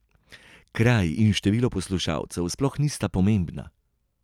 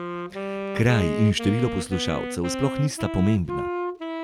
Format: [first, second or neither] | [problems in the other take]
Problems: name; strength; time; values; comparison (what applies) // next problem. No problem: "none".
first | background sound (Wind instrument, woodwind instrument); 5 dB below the speech